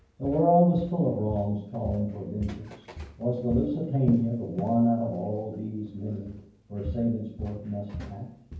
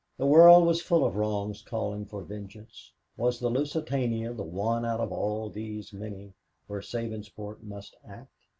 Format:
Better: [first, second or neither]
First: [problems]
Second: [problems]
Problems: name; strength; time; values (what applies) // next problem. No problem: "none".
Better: second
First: background sound (Walk, footsteps); 12 dB below the speech // room echo; dies away in 0.9 s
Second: none